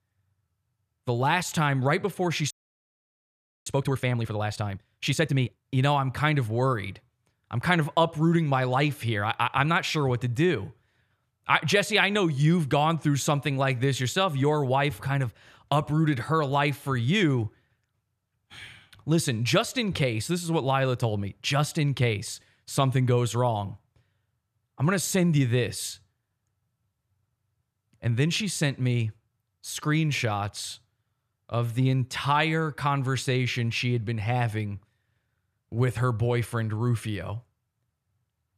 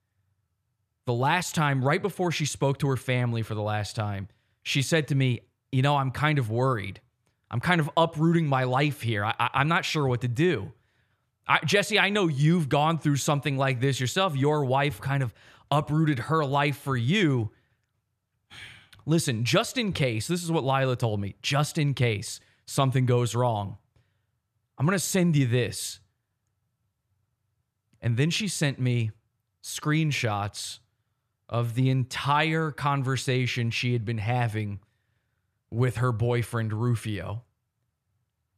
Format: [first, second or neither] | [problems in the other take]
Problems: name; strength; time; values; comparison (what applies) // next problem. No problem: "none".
second | audio freezing; at 2.5 s for 1 s